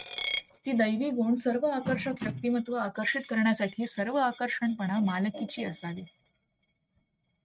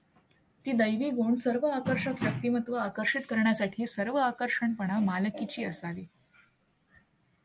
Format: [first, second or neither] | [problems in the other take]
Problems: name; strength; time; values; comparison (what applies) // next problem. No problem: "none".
second | noise reduction (neural mask model RNNoise)